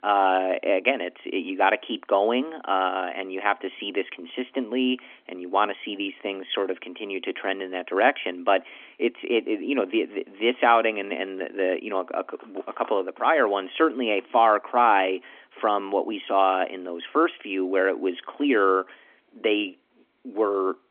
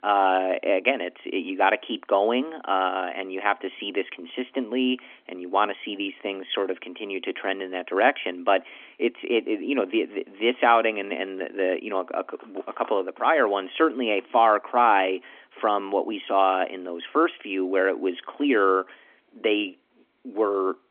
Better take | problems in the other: neither | phone-call audio; nothing above 3.5 kHz; the same in both

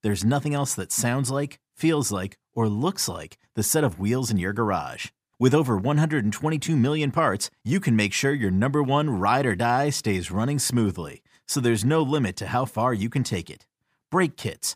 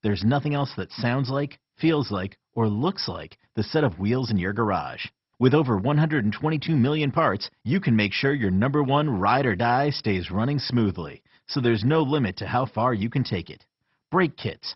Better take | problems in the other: first | garbled, watery; badly; nothing above 5.5 kHz

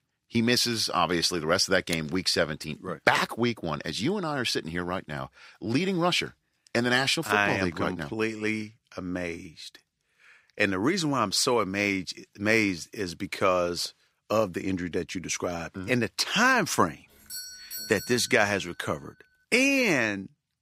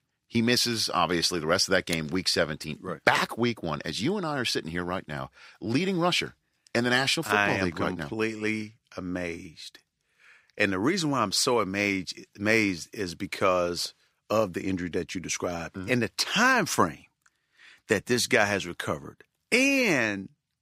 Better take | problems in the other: second | doorbell; noticeable; from 17 to 19 s; peak 9 dB below the speech

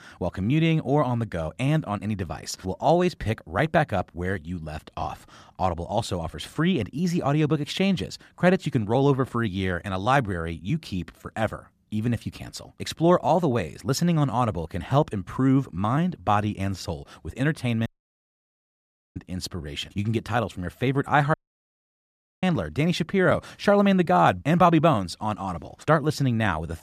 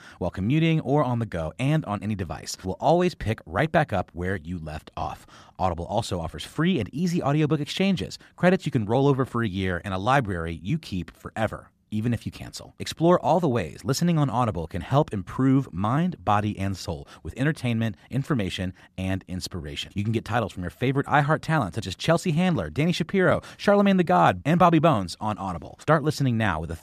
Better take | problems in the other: second | audio cutting out; at 18 s for 1.5 s and at 21 s for 1 s

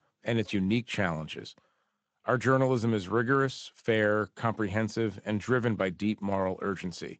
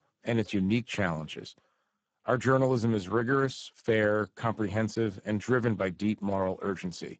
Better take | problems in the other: first | garbled, watery; badly; nothing above 7.5 kHz; slightly in the first

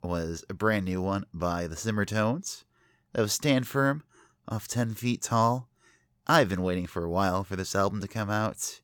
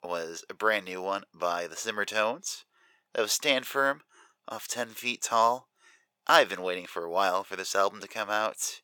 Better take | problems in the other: first | thin; very; fading below 600 Hz

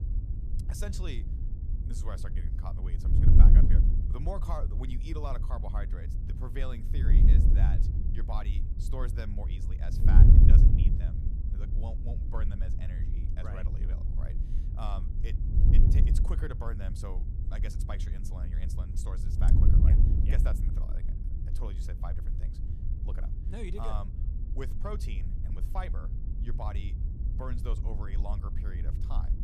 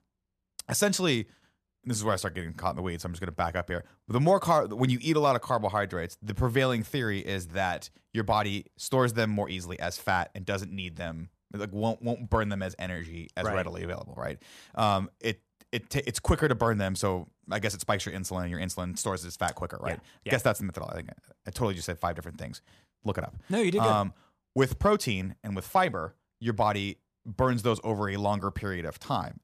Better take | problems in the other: second | wind noise on the microphone; heavy; 1 dB below the speech

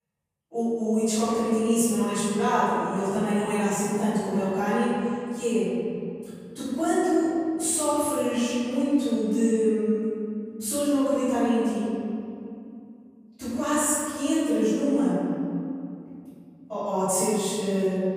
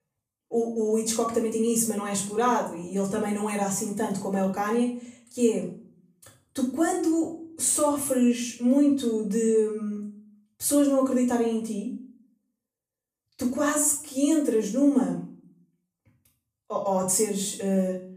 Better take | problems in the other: second | room echo; strong; dies away in 2.7 s; slight in the second // off-mic speech; far; far in the second

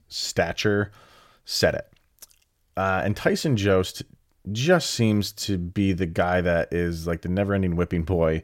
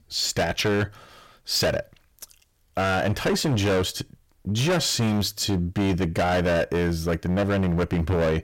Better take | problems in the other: first | distortion; heavy; 17% of the sound clipped

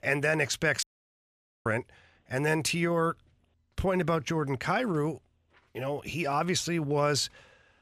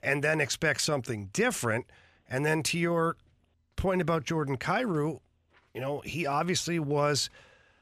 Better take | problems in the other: second | audio cutting out; at 1 s for 1 s

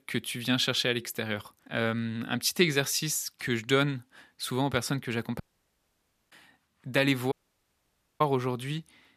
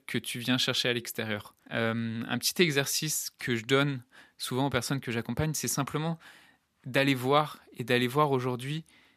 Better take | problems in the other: second | audio cutting out; at 5.5 s for 1 s and at 7.5 s for 1 s

